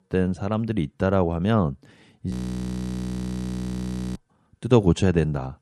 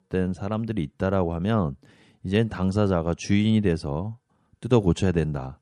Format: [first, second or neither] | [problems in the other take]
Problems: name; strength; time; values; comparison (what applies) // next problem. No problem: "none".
second | audio freezing; at 2.5 s for 2 s